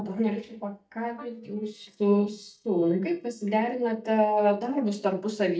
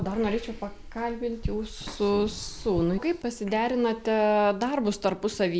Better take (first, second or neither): second